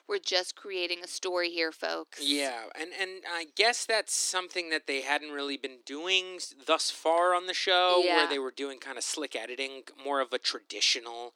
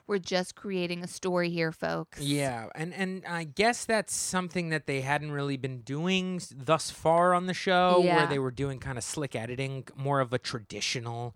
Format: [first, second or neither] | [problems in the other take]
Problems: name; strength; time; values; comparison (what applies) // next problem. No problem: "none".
second | thin; somewhat; fading below 300 Hz